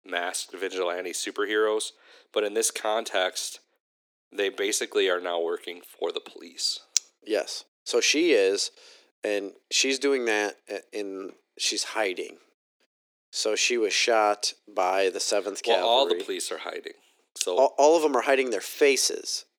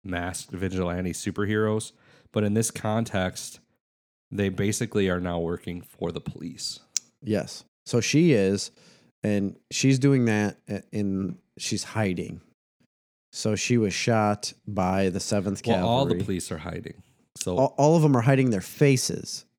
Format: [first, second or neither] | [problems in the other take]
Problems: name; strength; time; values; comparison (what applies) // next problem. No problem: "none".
second | thin; very; fading below 350 Hz